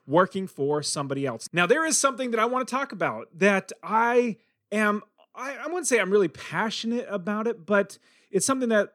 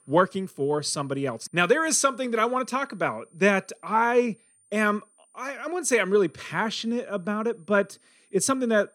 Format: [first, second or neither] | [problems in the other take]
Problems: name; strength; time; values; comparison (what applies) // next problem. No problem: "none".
first | high-pitched whine; faint; throughout; 9 kHz, 35 dB below the speech